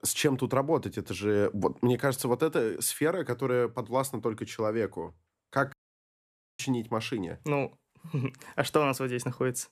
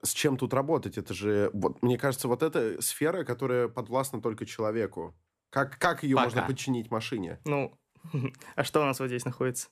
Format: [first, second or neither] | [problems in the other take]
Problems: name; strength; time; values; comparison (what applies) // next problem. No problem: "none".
second | audio cutting out; at 5.5 s for 1 s